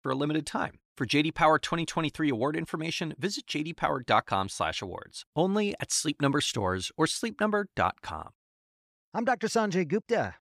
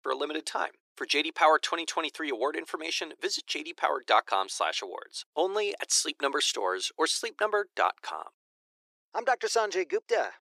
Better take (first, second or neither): first